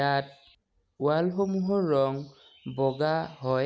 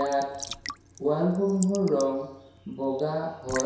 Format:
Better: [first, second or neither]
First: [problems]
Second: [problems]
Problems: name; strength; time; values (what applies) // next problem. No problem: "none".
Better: first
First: none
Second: background sound (Raindrop / Drip / Trickle, dribble); 13 dB below the speech // room echo; dies away in 0.7 s